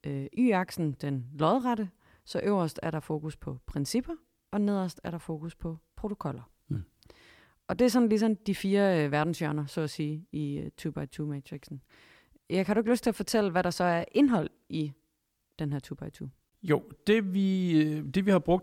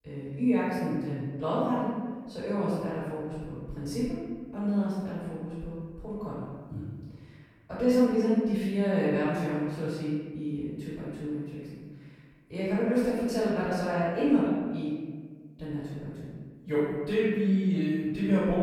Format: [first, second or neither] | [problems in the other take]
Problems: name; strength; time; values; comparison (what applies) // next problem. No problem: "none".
first | room echo; strong; dies away in 1.4 s // off-mic speech; far